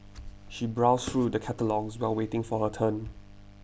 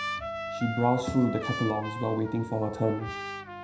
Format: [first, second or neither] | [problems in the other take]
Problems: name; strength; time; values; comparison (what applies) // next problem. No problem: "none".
first | background sound (Trumpet); 8 dB below the speech // room echo; dies away in 0.5 s